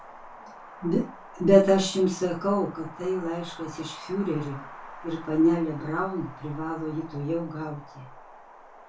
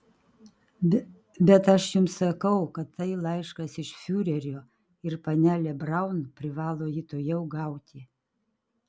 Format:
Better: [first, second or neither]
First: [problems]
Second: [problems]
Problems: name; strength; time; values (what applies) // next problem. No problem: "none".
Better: second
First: background sound (Wind); 17 dB below the speech // room echo; dies away in 0.2 s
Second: none